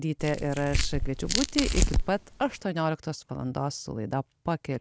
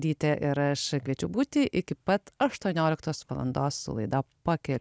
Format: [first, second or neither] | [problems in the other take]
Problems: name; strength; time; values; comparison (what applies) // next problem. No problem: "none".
second | background sound (Tearing); 2 dB above the speech